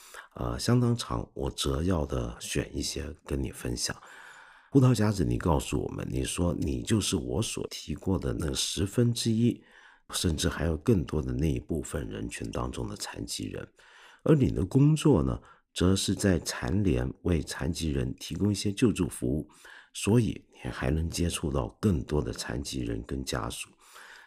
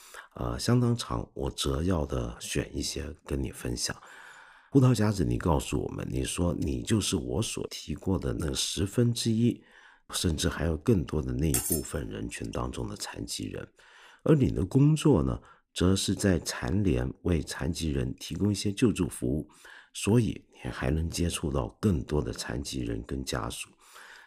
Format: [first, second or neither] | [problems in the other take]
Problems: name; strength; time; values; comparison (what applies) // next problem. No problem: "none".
first | clattering dishes; loud; at 12 s; peak 1 dB above the speech